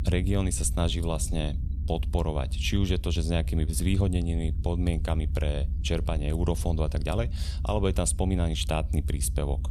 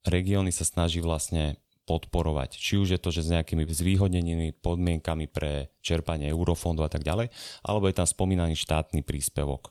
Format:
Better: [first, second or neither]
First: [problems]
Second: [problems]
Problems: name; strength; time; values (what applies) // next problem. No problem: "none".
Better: second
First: low rumble; noticeable; throughout; 15 dB below the speech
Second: none